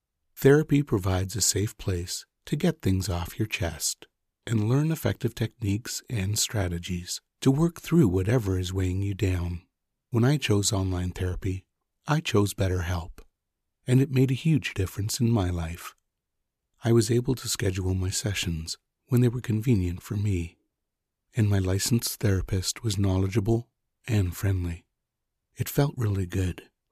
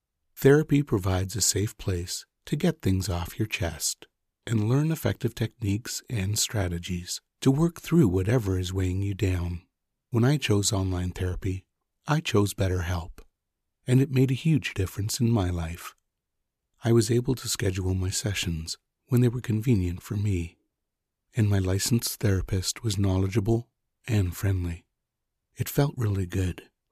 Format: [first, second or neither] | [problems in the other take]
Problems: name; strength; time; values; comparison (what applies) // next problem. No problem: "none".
neither | none